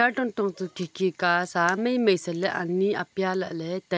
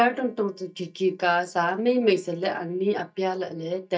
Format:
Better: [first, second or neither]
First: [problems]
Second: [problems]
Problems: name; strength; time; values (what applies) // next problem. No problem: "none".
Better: first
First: none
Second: noise reduction (neural mask model DeepFilterNet 3)